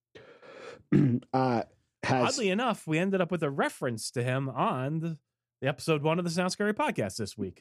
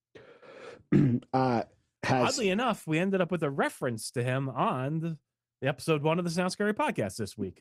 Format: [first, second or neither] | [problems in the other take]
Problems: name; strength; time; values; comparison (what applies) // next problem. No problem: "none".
first | garbled, watery; slightly; nothing above 15.5 kHz